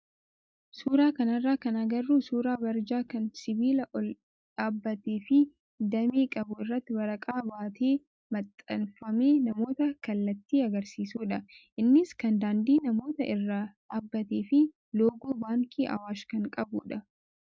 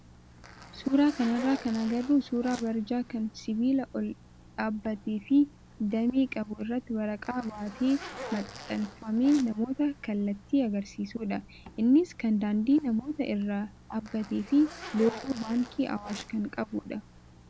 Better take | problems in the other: first | background sound (Zipper (clothing)); 17 dB below the speech

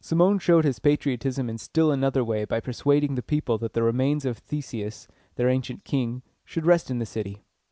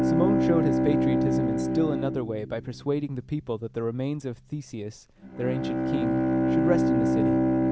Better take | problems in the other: first | background sound (Bowed string instrument); 5 dB above the speech

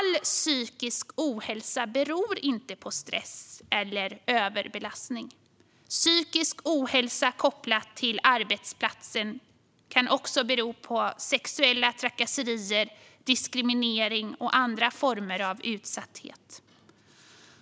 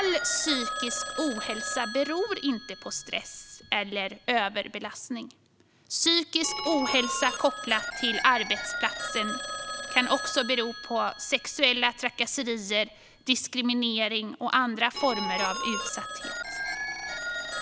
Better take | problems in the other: first | background sound (Telephone); 7 dB below the speech

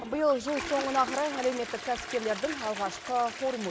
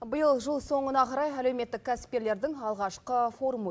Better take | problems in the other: second | background sound (Toilet flush); 9 dB below the speech

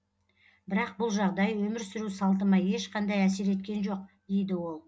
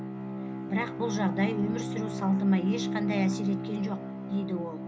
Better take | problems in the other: first | background sound (Bowed string instrument); 4 dB below the speech

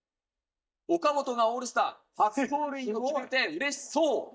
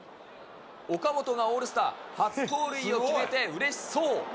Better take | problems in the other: second | noise reduction (neural mask model DeepFilterNet 3)

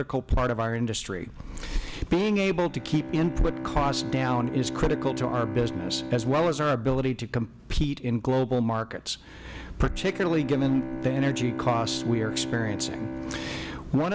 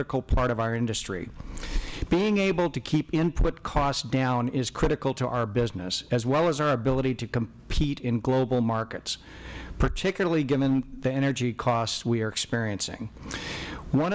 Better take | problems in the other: second | background sound (Bowed string instrument); 9 dB below the speech

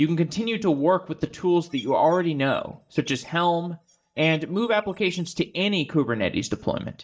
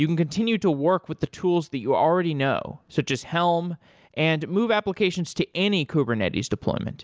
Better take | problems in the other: second | noise reduction (neural mask model DeepFilterNet 3)

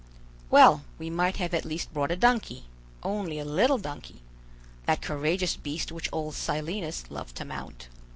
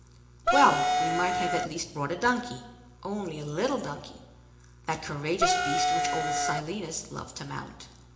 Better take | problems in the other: first | background sound (Wind instrument, woodwind instrument); 4 dB above the speech // room echo; dies away in 0.8 s

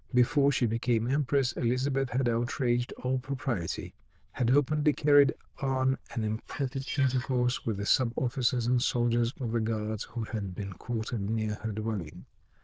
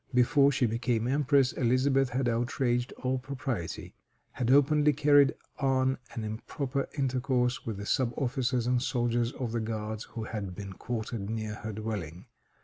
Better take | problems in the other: second | noise reduction (neural diffusion model UNIVERSE++)

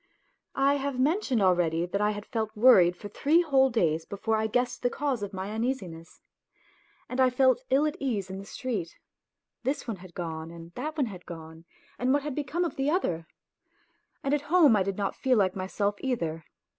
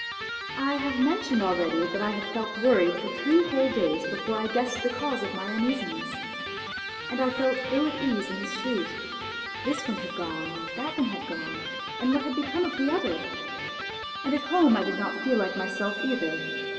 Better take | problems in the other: first | background sound (Electric guitar); 6 dB below the speech // room echo; dies away in 2.9 s

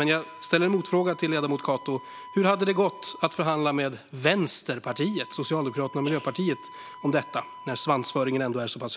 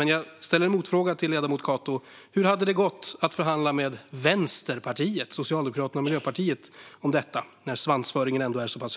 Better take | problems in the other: second | background sound (Wind instrument, woodwind instrument); 18 dB below the speech

